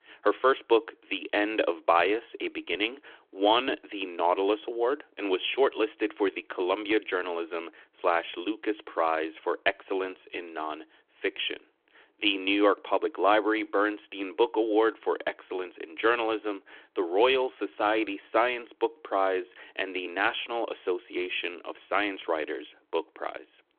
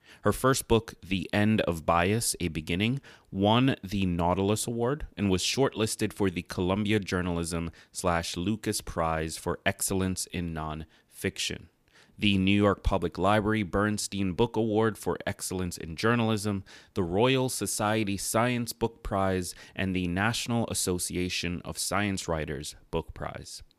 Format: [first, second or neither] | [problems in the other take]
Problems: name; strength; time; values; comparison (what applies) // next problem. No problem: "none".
second | phone-call audio